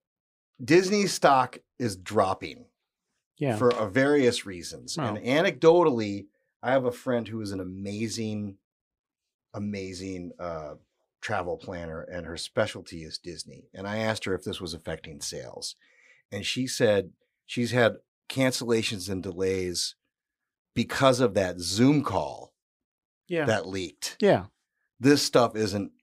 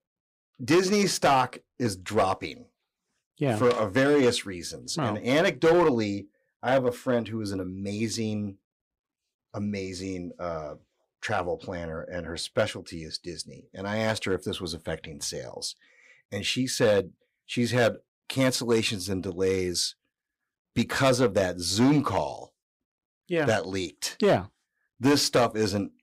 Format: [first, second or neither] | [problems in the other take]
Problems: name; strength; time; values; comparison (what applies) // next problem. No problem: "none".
first | distortion; slight; 3% of the sound clipped